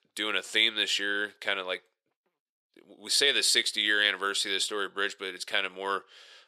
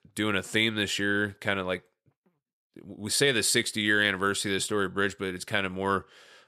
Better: second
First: thin; somewhat; fading below 450 Hz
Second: none

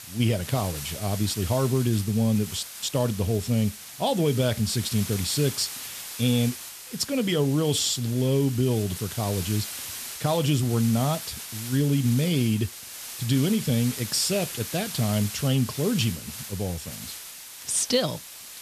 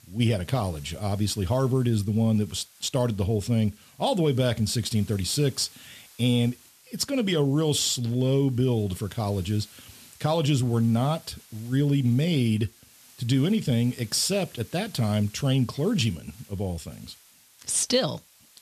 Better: second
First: hiss; loud; throughout; 10 dB below the speech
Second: hiss; faint; throughout; 25 dB below the speech

